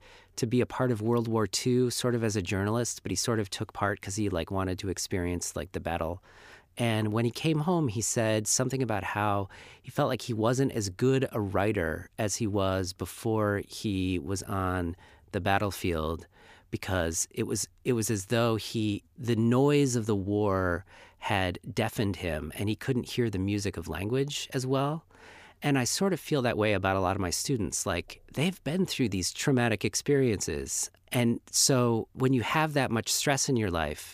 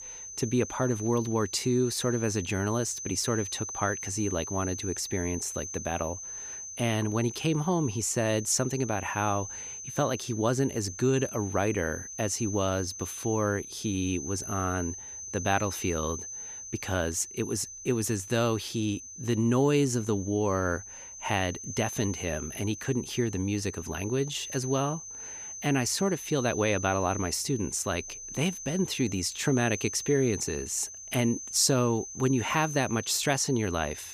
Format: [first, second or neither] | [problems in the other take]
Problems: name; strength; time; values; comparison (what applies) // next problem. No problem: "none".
first | high-pitched whine; loud; throughout; 6 kHz, 9 dB below the speech